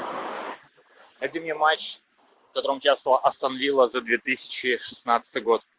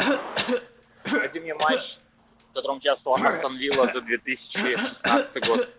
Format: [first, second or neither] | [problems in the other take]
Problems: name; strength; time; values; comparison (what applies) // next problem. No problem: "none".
first | background sound (Cough); 1 dB below the speech